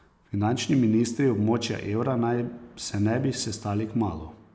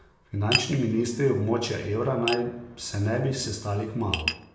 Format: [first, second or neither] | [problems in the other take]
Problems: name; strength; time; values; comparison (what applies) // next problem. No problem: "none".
first | background sound (Tap); 9 dB below the speech // room echo; dies away in 0.6 s